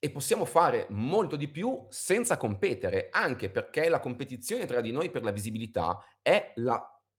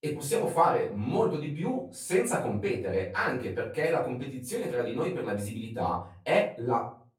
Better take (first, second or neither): first